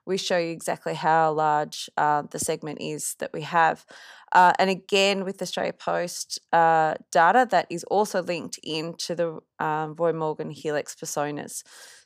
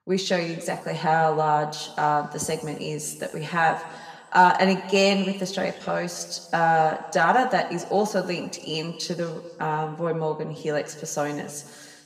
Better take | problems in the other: first | room echo; slight; dies away in 1.6 s

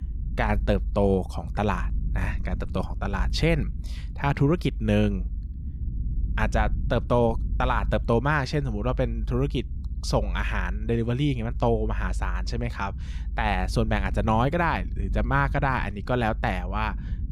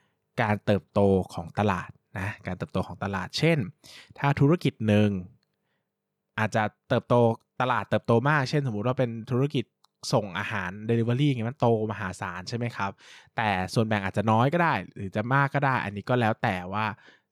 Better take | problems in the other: second | low rumble; faint; throughout; 20 dB below the speech

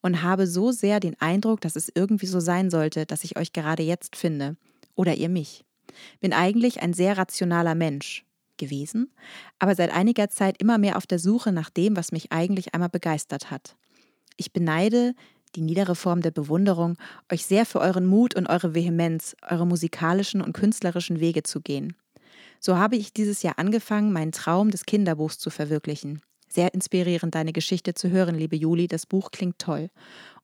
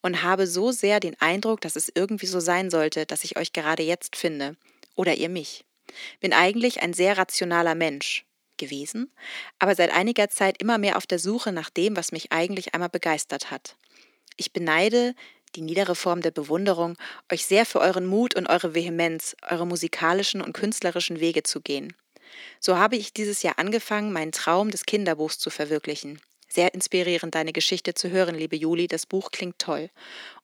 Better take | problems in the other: first | thin; somewhat; fading below 400 Hz

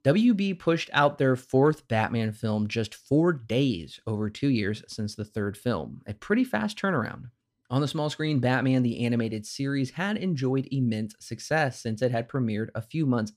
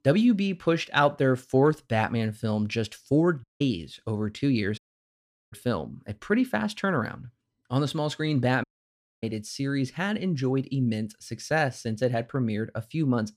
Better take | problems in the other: first | audio cutting out; at 3.5 s, at 5 s for 0.5 s and at 8.5 s for 0.5 s

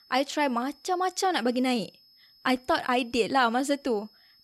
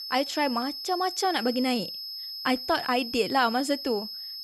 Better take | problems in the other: first | high-pitched whine; loud; throughout; 5 kHz, 7 dB below the speech; faint in the first

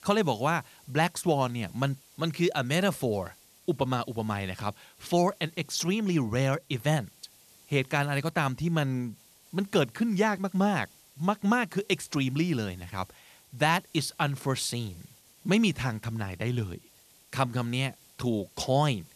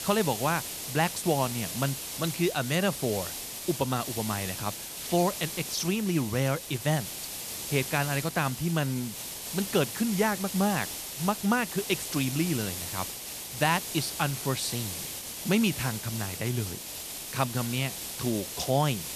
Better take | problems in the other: first | hiss; loud; throughout; 5 dB below the speech; faint in the first

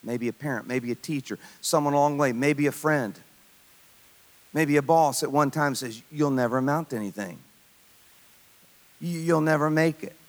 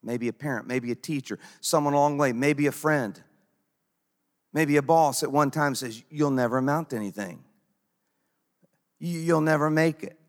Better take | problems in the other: second | hiss; faint; throughout; 30 dB below the speech

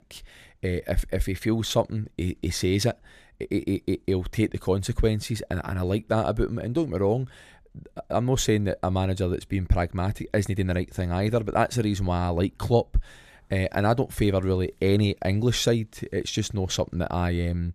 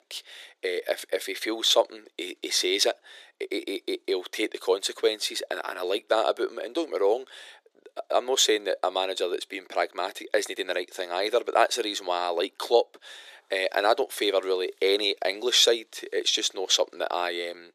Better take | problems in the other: first | thin; very; fading below 350 Hz

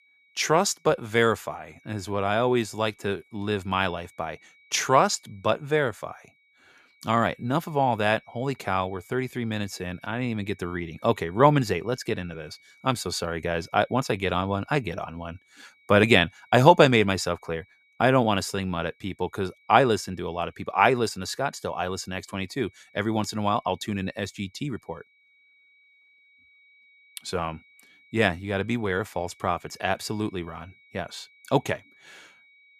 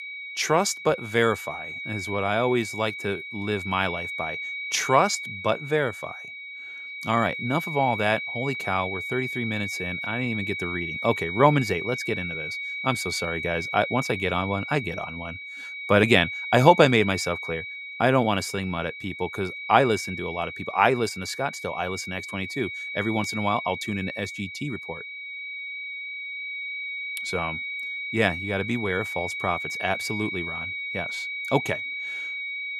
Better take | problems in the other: first | high-pitched whine; loud; throughout; 2.5 kHz, 6 dB below the speech; faint in the first

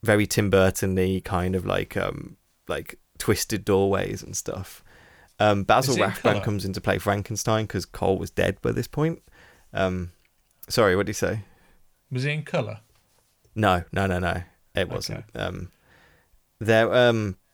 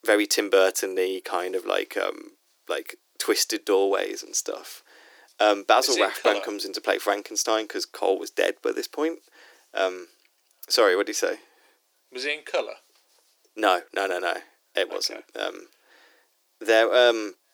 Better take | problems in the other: first | thin; very; fading below 300 Hz

